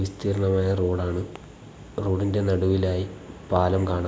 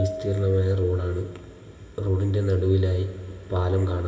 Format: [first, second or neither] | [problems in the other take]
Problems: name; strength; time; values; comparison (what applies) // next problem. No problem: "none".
first | background sound (Bell / Percussion); 17 dB below the speech // room echo; dies away in 2.4 s